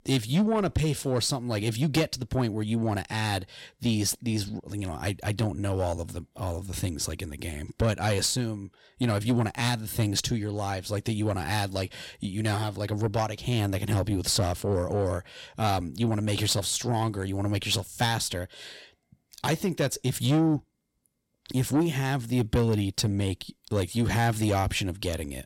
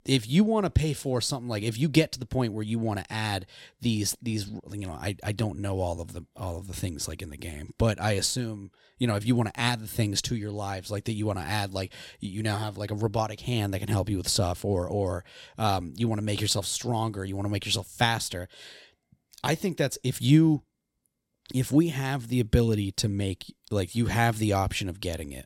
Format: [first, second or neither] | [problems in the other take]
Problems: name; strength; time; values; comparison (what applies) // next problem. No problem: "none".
second | distortion; slight; 10 dB below the speech